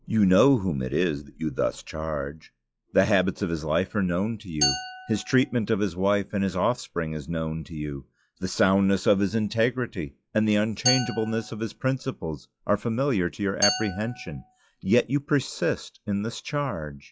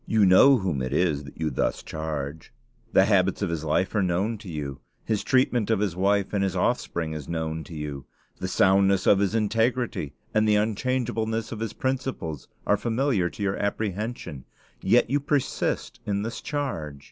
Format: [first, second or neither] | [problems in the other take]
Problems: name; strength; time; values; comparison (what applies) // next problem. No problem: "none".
second | noise reduction (classical method log-MMSE)